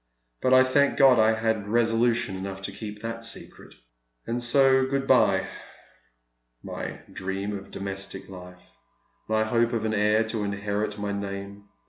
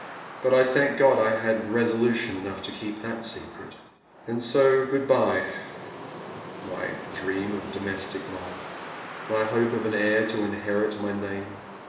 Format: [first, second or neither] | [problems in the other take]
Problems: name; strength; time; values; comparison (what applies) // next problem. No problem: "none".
first | background sound (Wind); 14 dB below the speech // room echo; dies away in 1 s